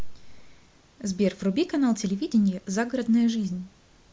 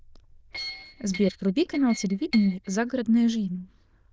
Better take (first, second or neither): first